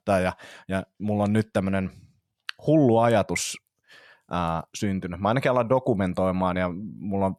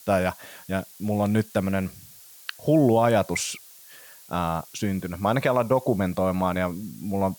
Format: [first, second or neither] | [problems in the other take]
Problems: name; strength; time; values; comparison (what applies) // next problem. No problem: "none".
first | hiss; faint; throughout; 20 dB below the speech